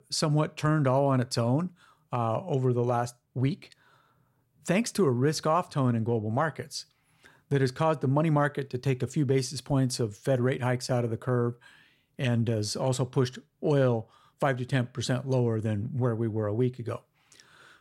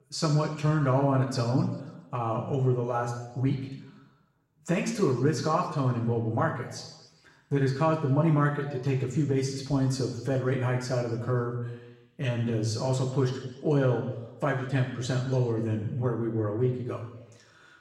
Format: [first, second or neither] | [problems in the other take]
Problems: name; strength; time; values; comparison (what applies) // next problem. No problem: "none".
first | room echo; noticeable; dies away in 1 s // off-mic speech; far